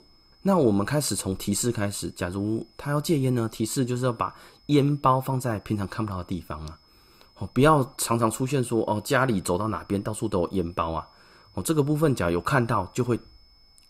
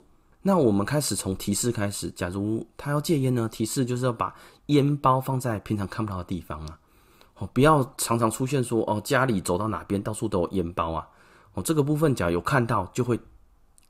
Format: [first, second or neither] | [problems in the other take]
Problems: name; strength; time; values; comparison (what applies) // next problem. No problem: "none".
second | high-pitched whine; faint; throughout; 5 kHz, 30 dB below the speech